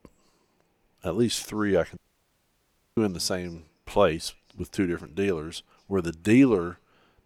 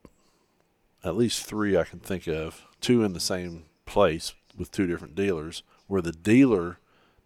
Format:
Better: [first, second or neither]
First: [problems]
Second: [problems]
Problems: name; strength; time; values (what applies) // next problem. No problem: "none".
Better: second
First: audio cutting out; at 2 s for 1 s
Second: none